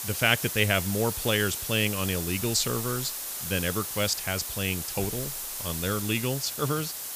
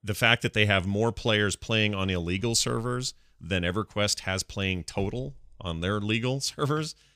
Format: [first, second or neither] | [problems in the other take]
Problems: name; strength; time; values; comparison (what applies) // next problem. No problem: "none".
second | hiss; loud; throughout; 4 dB below the speech